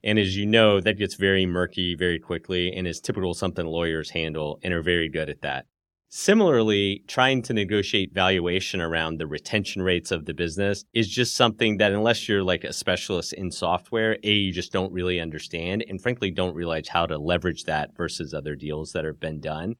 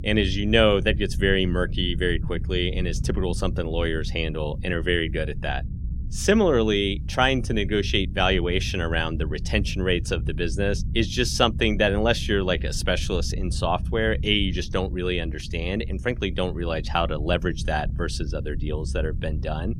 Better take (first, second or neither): first